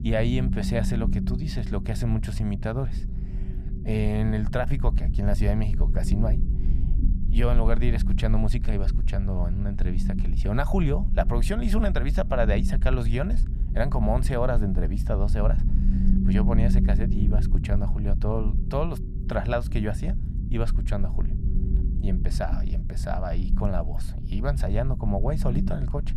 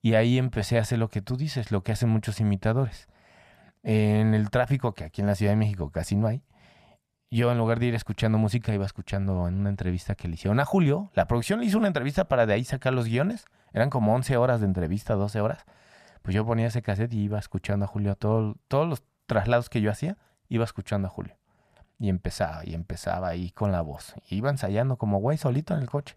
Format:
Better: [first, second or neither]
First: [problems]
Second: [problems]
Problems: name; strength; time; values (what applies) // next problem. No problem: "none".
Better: second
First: low rumble; loud; throughout; 9 dB below the speech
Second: none